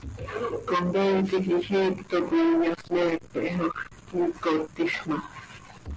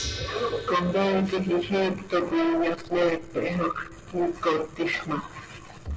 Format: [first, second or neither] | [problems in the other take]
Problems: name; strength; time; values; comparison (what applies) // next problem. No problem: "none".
first | background sound (Gong); 18 dB below the speech // room echo; dies away in 1.6 s